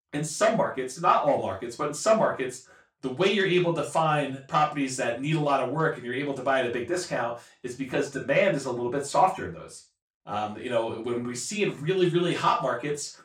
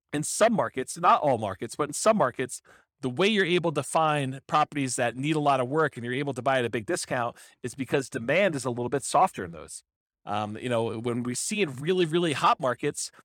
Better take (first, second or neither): second